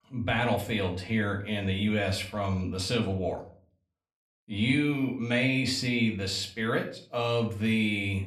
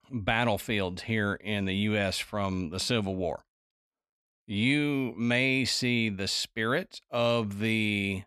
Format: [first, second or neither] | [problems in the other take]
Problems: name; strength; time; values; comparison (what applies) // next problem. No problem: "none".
second | room echo; very slight; dies away in 0.4 s // off-mic speech; somewhat distant